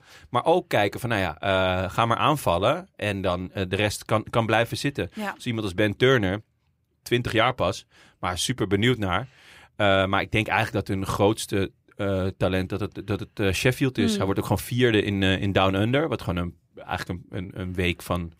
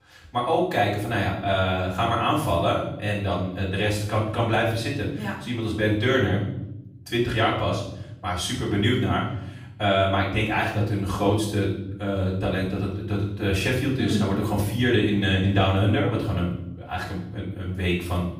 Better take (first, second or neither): first